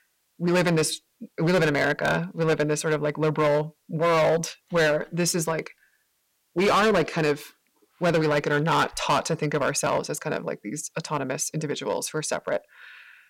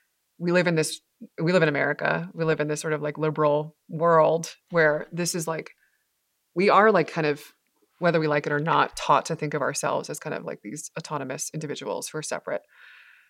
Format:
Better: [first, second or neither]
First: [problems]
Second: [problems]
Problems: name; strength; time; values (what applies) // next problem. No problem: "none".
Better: second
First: distortion; heavy; 9% of the sound clipped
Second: none